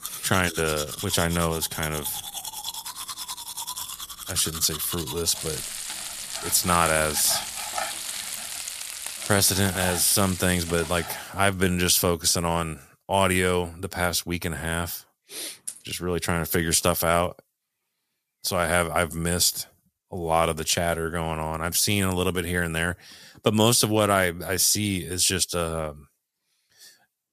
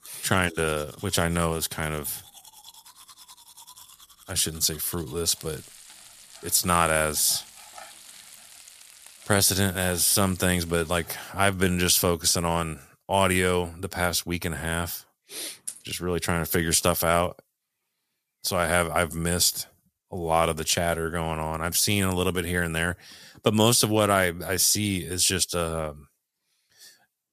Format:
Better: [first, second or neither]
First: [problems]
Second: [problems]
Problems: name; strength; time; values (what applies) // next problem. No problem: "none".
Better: second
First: household noises; loud; until 11 s; 8 dB below the speech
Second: household noises; faint; until 11 s; 20 dB below the speech